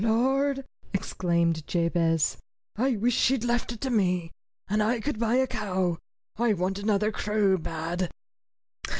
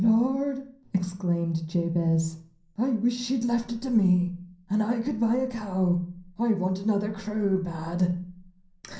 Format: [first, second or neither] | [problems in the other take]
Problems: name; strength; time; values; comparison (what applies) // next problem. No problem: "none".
first | room echo; dies away in 0.6 s